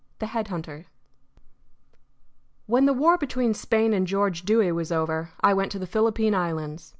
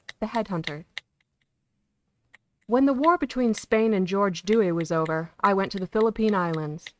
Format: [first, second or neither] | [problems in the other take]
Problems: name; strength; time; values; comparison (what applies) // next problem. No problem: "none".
first | noise reduction (neural mask model RNNoise)